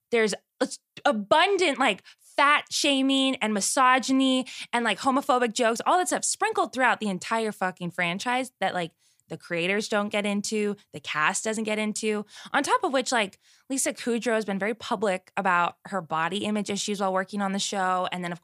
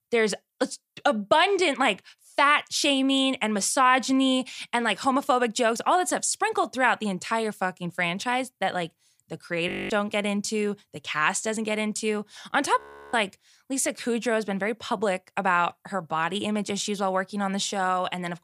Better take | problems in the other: first | audio freezing; at 9.5 s and at 13 s

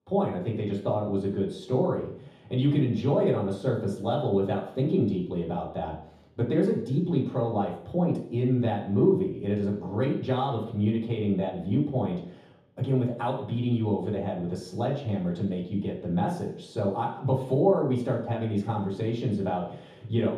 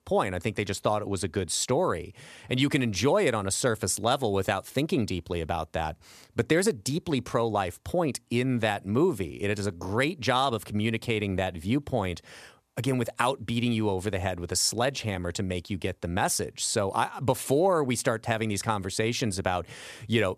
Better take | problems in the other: second | room echo; noticeable; dies away in 0.7 s // off-mic speech; far

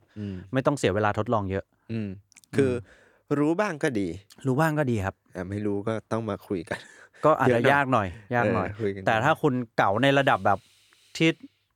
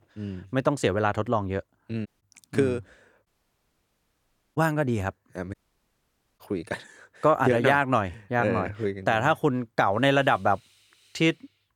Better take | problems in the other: first | audio cutting out; at 2 s, at 3.5 s for 1.5 s and at 5.5 s for 1 s

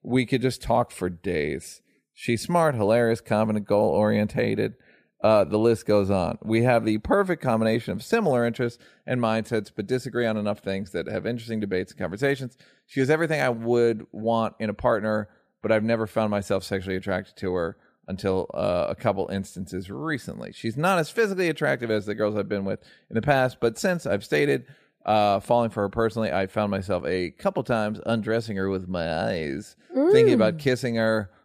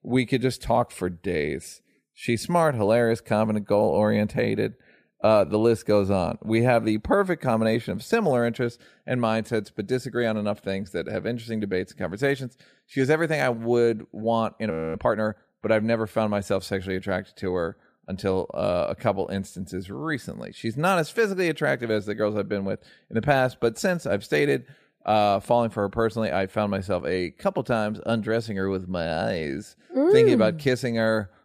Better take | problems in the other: first | audio freezing; at 15 s

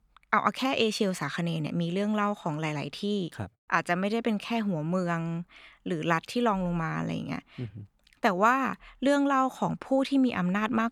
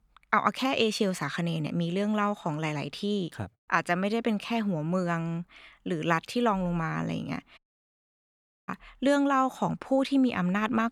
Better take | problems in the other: first | audio cutting out; at 7.5 s for 1 s

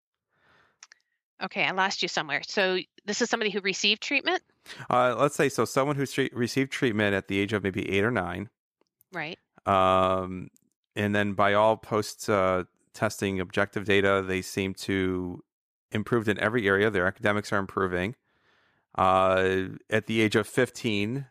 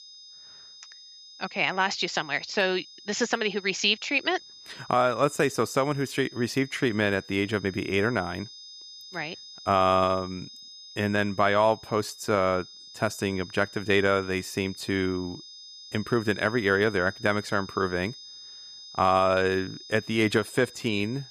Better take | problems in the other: first | high-pitched whine; noticeable; throughout; 5 kHz, 15 dB below the speech

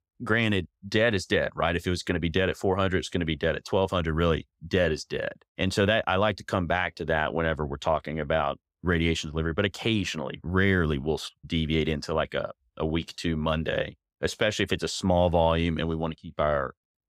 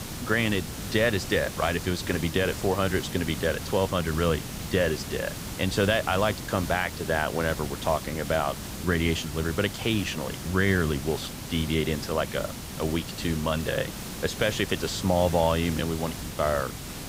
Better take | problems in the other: first | hiss; loud; throughout; 8 dB below the speech

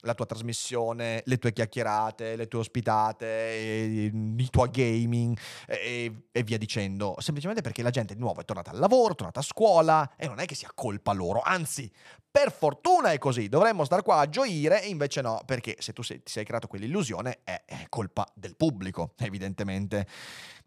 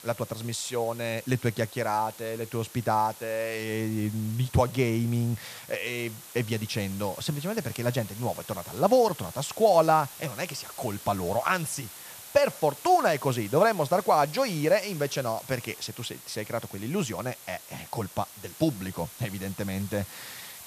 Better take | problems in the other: first | hiss; noticeable; throughout; 15 dB below the speech

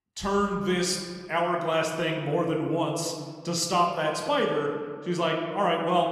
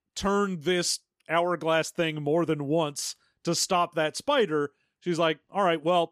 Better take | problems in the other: second | room echo; slight; dies away in 1.4 s

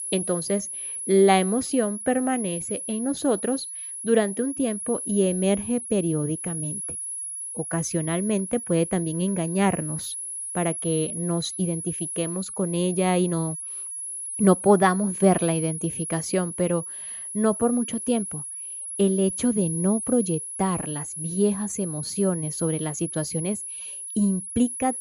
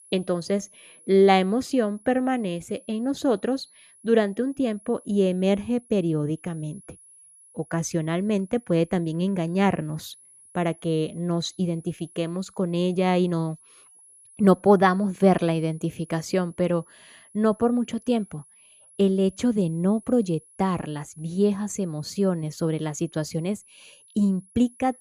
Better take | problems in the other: second | high-pitched whine; loud; throughout; 10.5 kHz, 6 dB below the speech; faint in the second

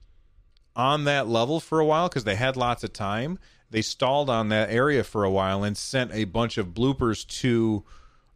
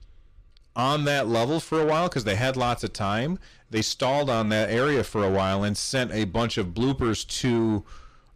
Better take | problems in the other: first | distortion; slight; 10 dB below the speech

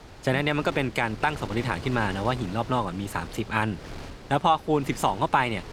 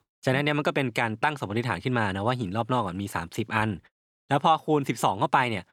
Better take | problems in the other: second | wind noise on the microphone; occasional gusts; 15 dB below the speech

